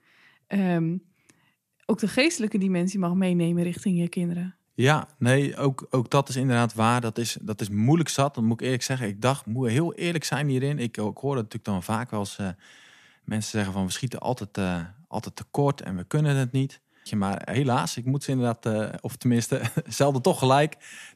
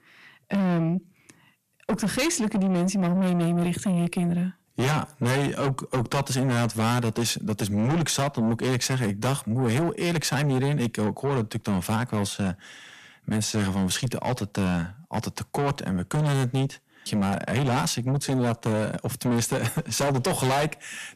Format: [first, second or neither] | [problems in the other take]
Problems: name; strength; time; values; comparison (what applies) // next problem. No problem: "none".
first | distortion; heavy; 6 dB below the speech